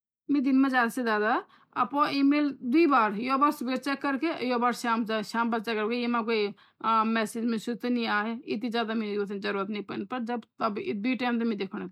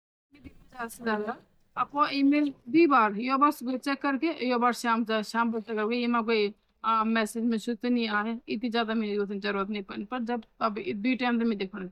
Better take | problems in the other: first | noise reduction (neural mask model DeepFilterNet 3)

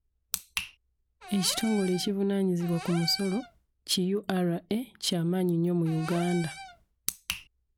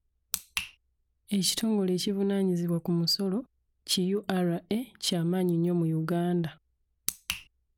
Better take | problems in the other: second | background sound (Cupboard open or close / Door); 13 dB below the speech

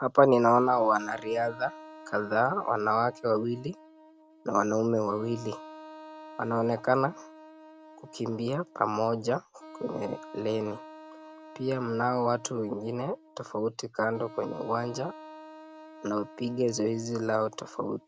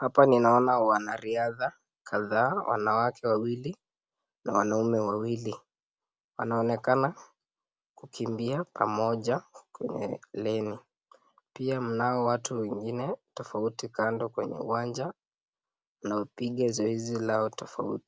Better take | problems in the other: second | background sound (Wind instrument, woodwind instrument); 19 dB below the speech

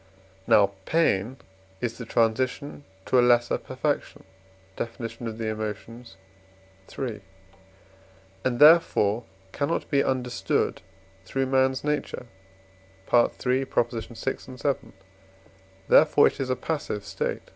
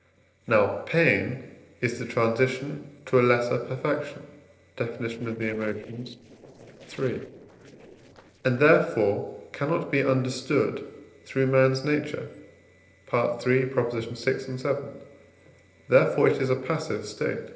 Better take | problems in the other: first | noise reduction (neural separator model SepFormer DNS4)

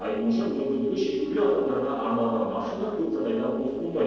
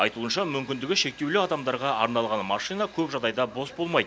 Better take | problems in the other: second | noise reduction (neural separator model SepFormer DNS4)

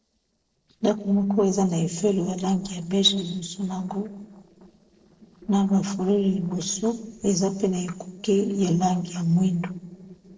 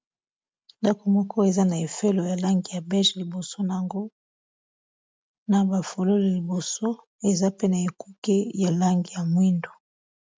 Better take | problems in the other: second | noise reduction (neural separator model SepFormer DNS4)

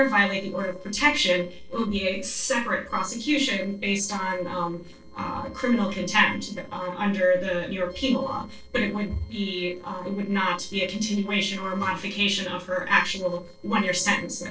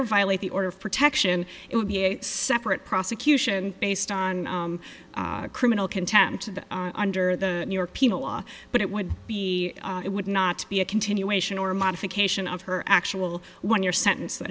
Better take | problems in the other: second | noise reduction (neural separator model SepFormer DNS4)

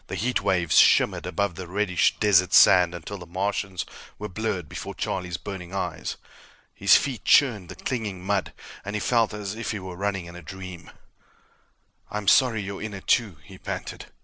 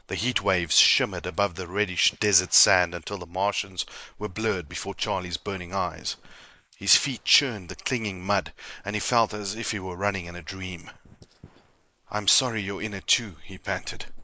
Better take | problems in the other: first | noise reduction (neural mask model Resemble Enhance denoiser)

